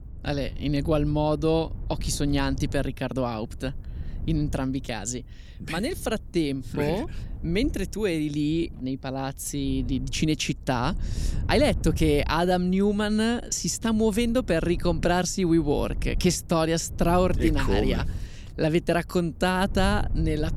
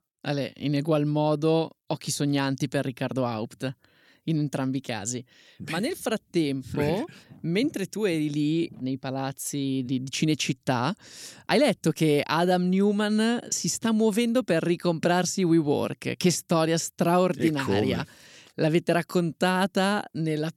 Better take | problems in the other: second | wind noise on the microphone; occasional gusts; 20 dB below the speech

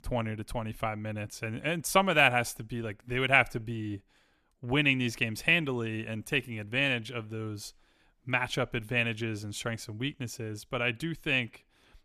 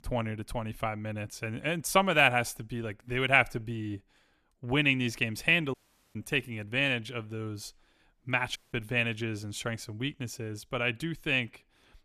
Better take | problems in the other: first | audio cutting out; at 5.5 s and at 8.5 s

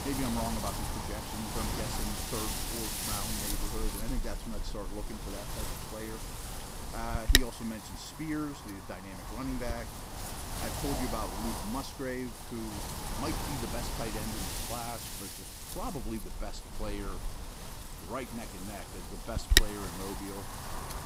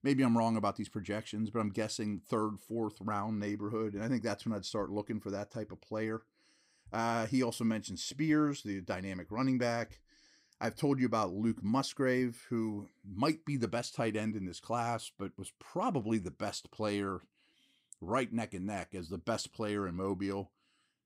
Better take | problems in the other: second | wind noise on the microphone; heavy; 5 dB above the speech

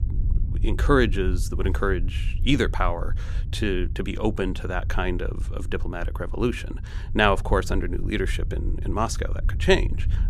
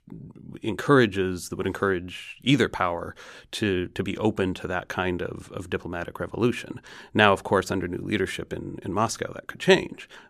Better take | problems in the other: second | low rumble; faint; throughout; 20 dB below the speech

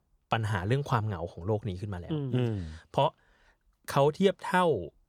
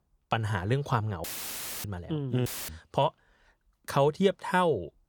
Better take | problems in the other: first | audio cutting out; filled with static; at 1 s for 0.5 s and at 2.5 s

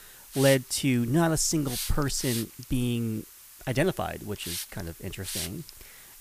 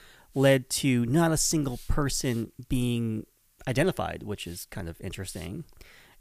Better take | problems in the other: second | hiss; loud; throughout; 10 dB below the speech; faint in the second

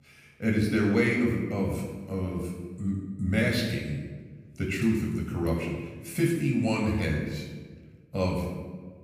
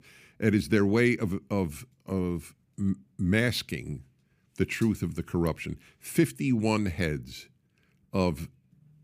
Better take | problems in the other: second | room echo; noticeable; dies away in 1.1 s // off-mic speech; somewhat distant

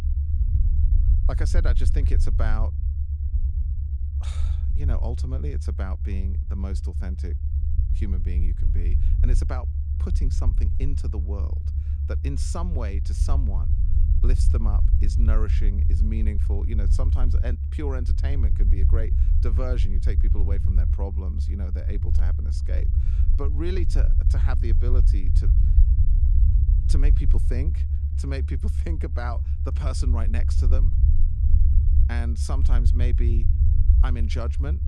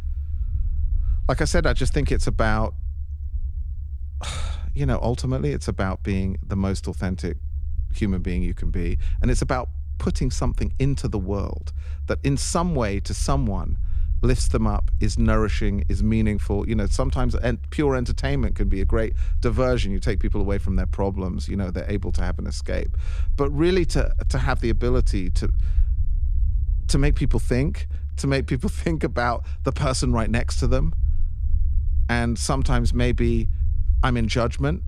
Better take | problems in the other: second | low rumble; loud; throughout; 4 dB below the speech; faint in the second

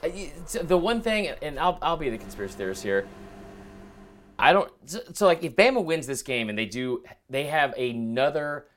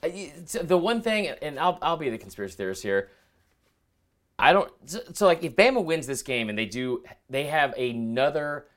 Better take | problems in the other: second | household noises; faint; until 4 s; 20 dB below the speech

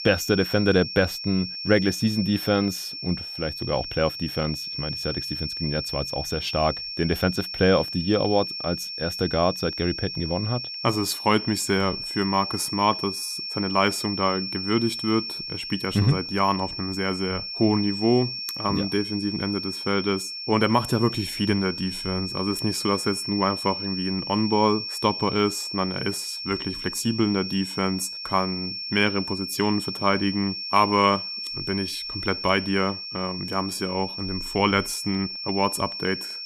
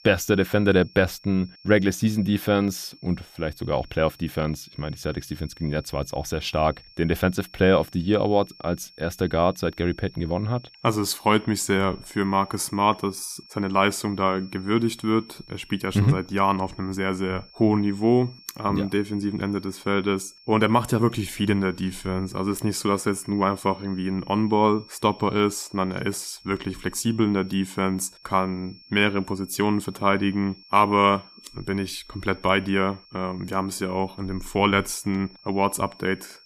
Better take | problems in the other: second | high-pitched whine; loud; throughout; 5.5 kHz, 5 dB below the speech; faint in the second

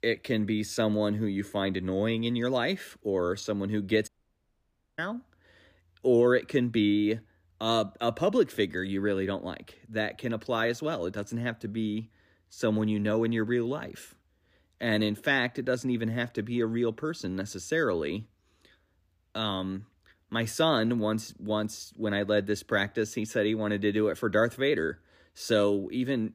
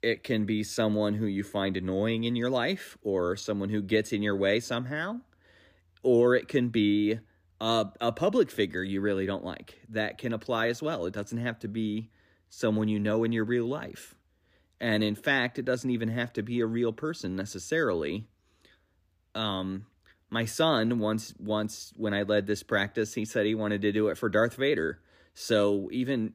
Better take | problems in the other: second | audio cutting out; at 4 s for 1 s

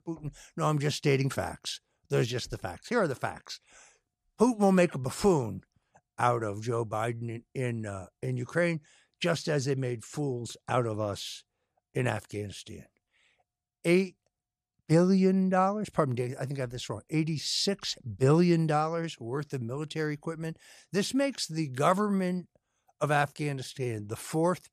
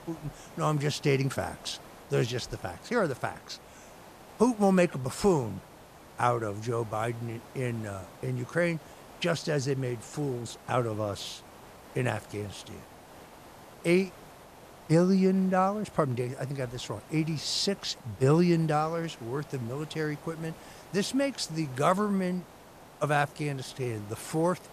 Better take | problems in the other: first | hiss; noticeable; throughout; 20 dB below the speech

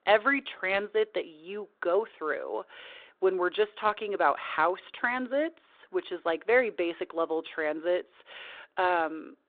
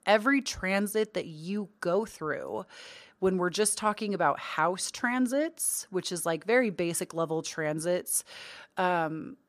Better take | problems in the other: second | phone-call audio; nothing above 3.5 kHz

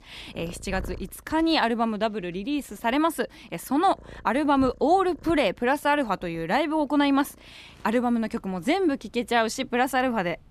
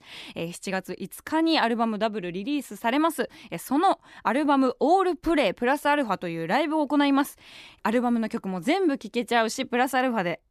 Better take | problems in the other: second | animal sounds; faint; throughout; 25 dB below the speech

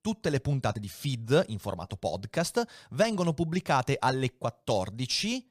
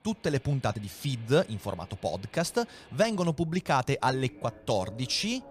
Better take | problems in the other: first | train or aircraft noise; faint; throughout; 25 dB below the speech

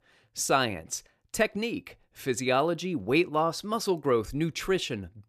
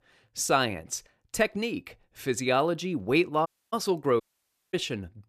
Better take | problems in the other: first | audio cutting out; at 3.5 s and at 4 s for 0.5 s

